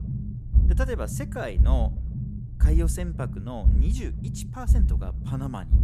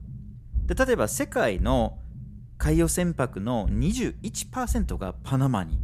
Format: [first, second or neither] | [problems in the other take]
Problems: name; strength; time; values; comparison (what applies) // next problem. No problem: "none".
second | low rumble; loud; throughout; 6 dB below the speech; faint in the second